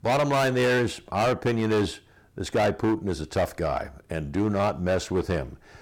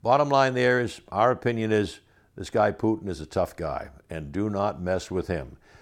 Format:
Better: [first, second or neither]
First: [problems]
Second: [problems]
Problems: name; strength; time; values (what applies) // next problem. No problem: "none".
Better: second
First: distortion; heavy; 13% of the sound clipped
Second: none